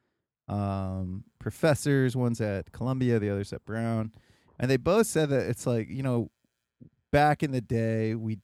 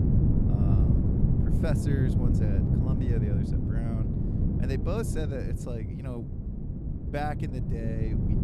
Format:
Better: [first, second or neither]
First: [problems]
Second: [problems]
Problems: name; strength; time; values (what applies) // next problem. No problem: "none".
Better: first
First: none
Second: wind noise on the microphone; heavy; 1 dB above the speech